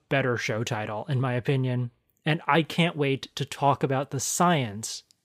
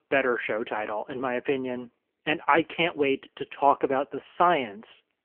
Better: first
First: none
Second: phone-call audio; poor line; nothing above 3 kHz

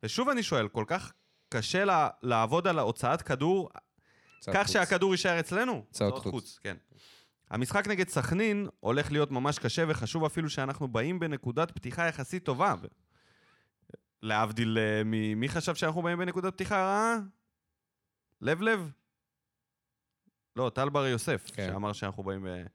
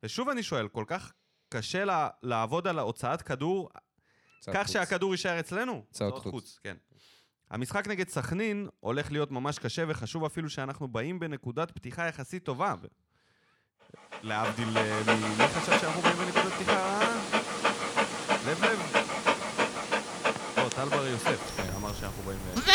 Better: first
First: none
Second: animal sounds; very loud; from 15 s on; 4 dB above the speech

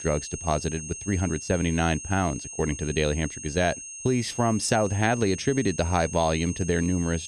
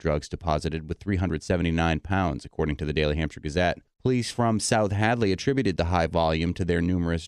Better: second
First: high-pitched whine; loud; throughout; 6.5 kHz, 10 dB below the speech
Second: none

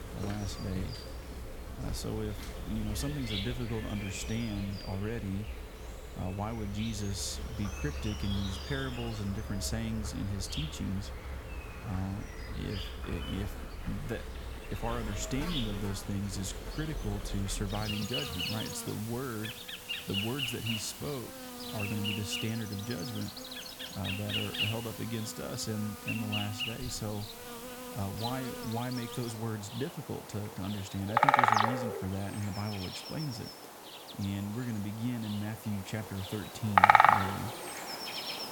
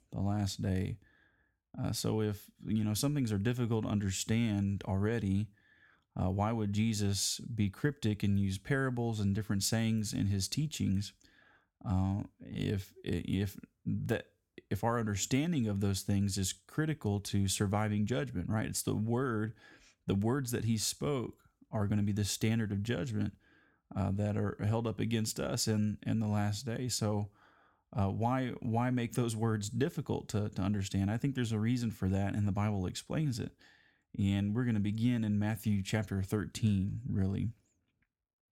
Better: second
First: animal sounds; very loud; throughout; 2 dB above the speech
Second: none

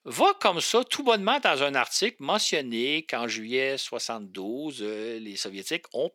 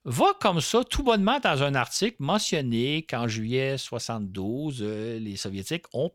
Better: second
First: thin; somewhat; fading below 300 Hz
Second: none

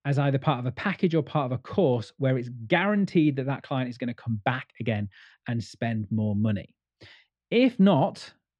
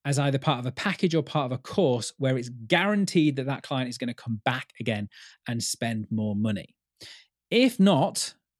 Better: second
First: muffled; slightly; fading above 2.5 kHz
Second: none

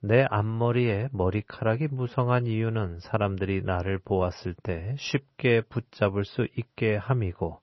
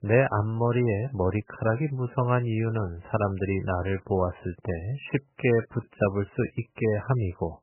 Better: first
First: garbled, watery; slightly; nothing above 6 kHz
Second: garbled, watery; badly; nothing above 2.5 kHz

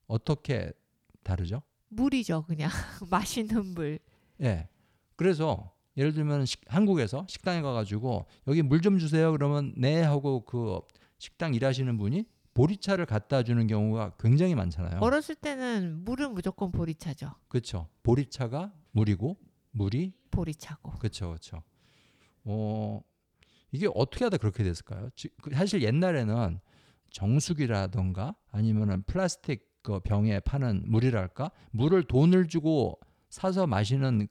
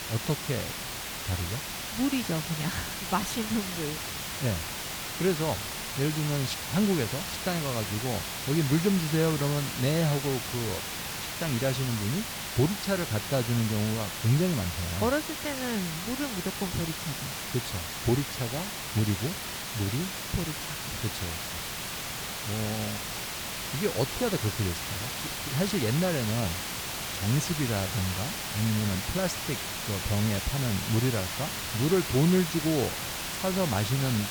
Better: first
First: none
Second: hiss; loud; throughout; 3 dB below the speech

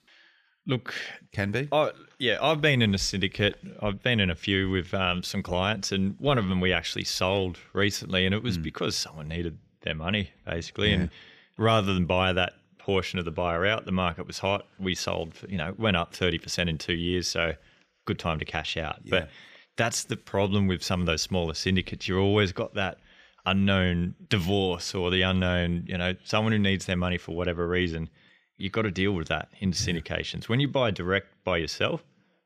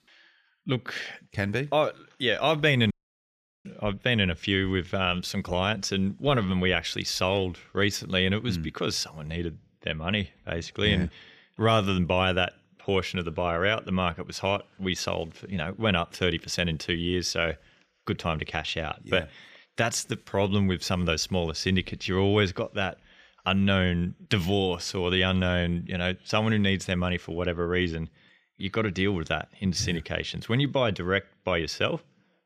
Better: first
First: none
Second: audio cutting out; at 3 s for 0.5 s

